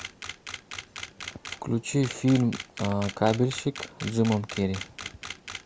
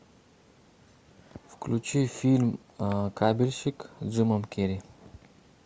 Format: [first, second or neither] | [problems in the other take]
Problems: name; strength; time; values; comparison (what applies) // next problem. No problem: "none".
second | background sound (Camera); 12 dB below the speech